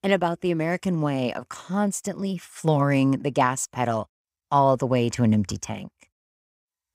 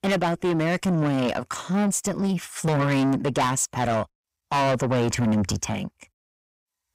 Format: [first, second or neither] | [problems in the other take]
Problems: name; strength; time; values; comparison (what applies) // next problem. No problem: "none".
first | distortion; heavy; 5 dB below the speech